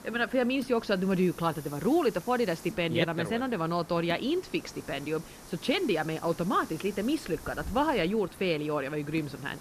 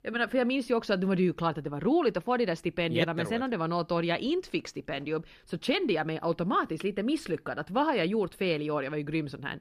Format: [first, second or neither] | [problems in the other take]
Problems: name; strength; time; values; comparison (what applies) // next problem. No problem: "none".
second | hiss; noticeable; throughout; 15 dB below the speech